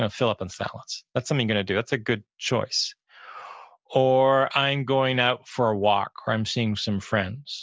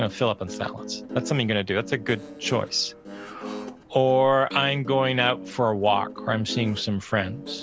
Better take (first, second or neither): first